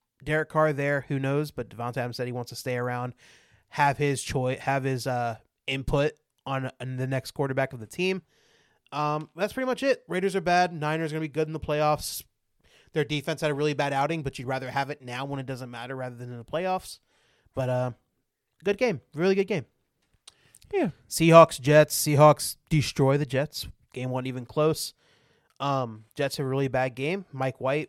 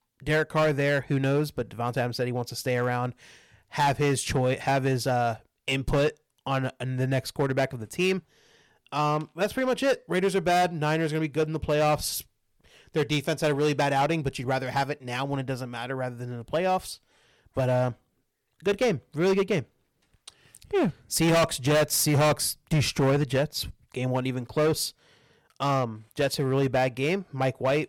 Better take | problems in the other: first | distortion; heavy; 7% of the sound clipped

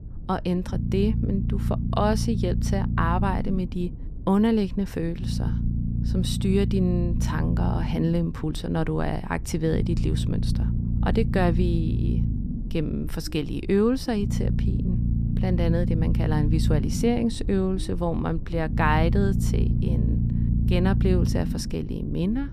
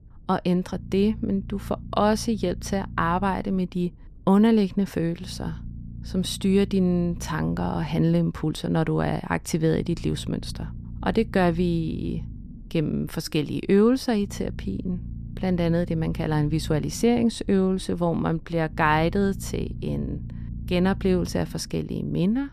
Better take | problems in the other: second | low rumble; loud; throughout; 8 dB below the speech; faint in the second

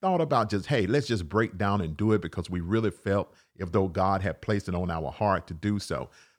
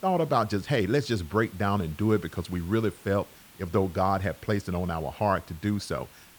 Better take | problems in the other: first | hiss; faint; throughout; 20 dB below the speech

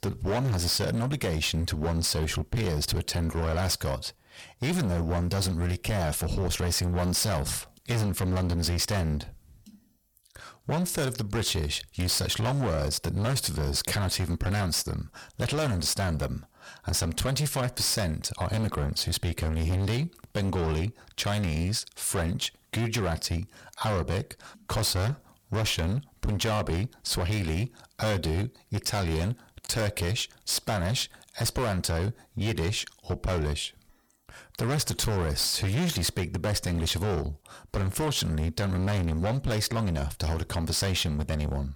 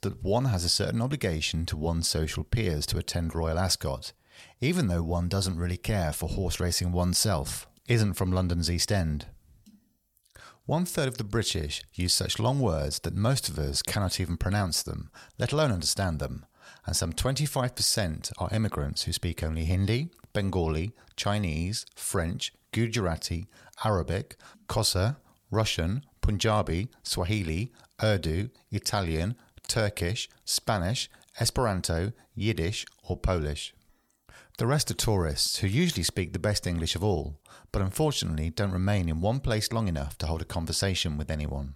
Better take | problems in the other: second | distortion; heavy; 21% of the sound clipped

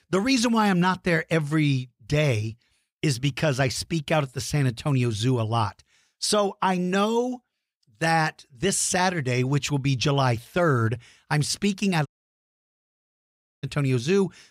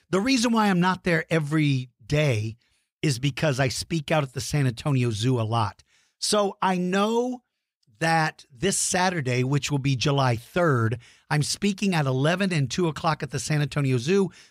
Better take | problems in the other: second | audio cutting out; at 12 s for 1.5 s

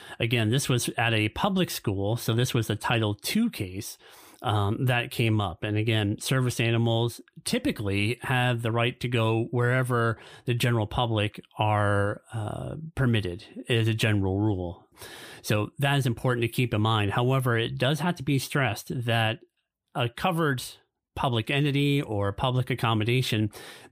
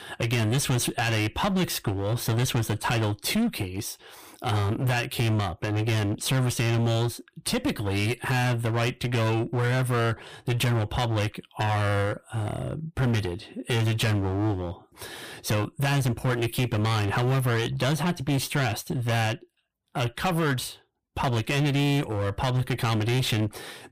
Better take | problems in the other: first | distortion; heavy; 19% of the sound clipped

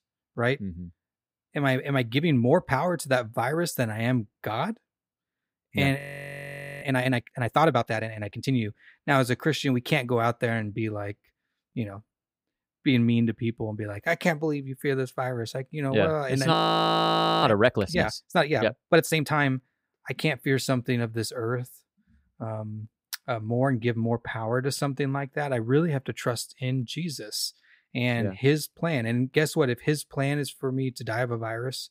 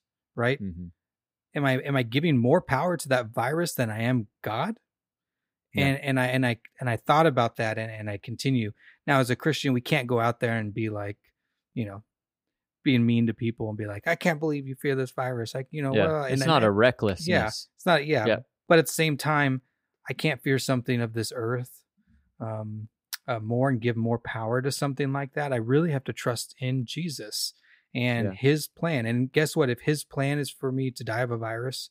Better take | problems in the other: second | audio freezing; at 6 s for 1 s and at 17 s for 1 s

